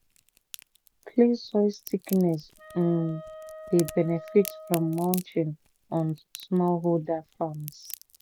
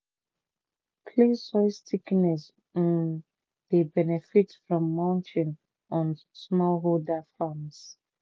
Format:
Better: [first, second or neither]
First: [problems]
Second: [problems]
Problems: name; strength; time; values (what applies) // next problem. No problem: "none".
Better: second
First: background sound (Wind instrument, woodwind instrument + Crack); 16 dB below the speech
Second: none